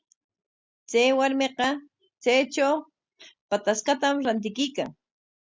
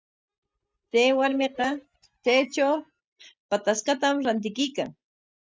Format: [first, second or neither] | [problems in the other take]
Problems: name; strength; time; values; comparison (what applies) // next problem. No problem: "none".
first | noise reduction (neural mask model DeepFilterNet 3)